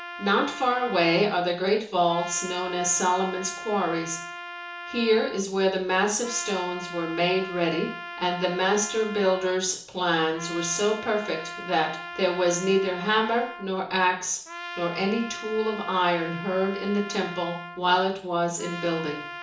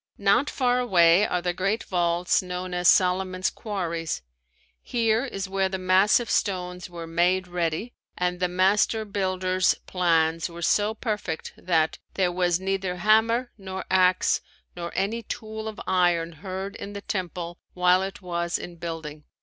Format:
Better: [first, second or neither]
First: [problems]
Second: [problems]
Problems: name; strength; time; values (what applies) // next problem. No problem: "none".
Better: second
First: background sound (Trumpet); 12 dB below the speech // room echo; dies away in 0.8 s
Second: none